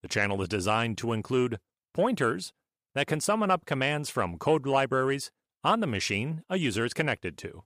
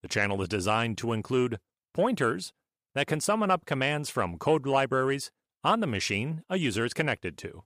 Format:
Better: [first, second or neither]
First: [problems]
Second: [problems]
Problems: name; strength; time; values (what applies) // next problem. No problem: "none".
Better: neither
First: none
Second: none